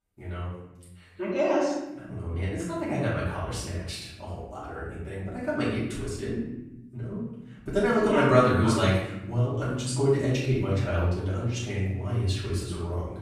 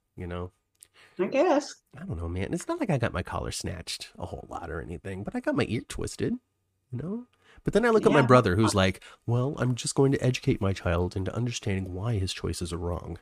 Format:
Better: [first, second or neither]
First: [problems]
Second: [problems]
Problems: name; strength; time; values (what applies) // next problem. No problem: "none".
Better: second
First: off-mic speech; far // room echo; noticeable; dies away in 0.9 s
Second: none